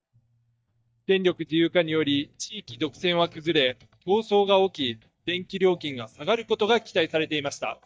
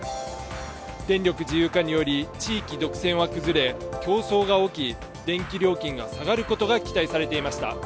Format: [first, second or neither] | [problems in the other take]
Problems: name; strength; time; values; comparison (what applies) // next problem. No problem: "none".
second | noise reduction (neural mask model DeepFilterNet 3)